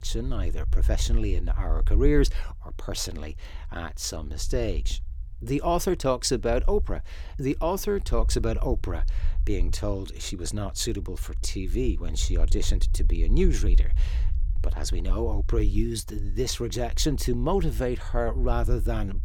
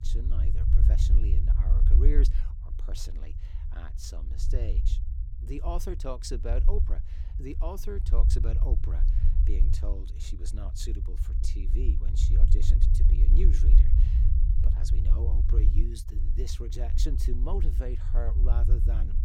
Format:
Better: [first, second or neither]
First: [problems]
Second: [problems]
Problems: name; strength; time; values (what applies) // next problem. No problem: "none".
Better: first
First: low rumble; faint; throughout; 20 dB below the speech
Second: low rumble; loud; throughout; 4 dB below the speech